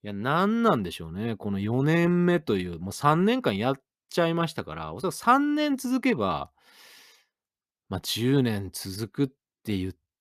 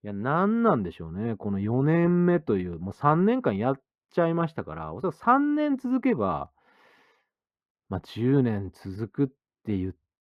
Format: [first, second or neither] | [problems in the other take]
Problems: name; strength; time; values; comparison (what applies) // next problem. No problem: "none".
first | muffled; very; fading above 3 kHz